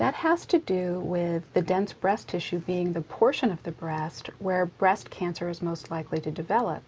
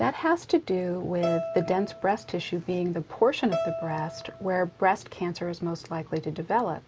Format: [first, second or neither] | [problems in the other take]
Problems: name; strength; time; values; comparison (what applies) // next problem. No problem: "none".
first | background sound (Bowed string instrument); 8 dB below the speech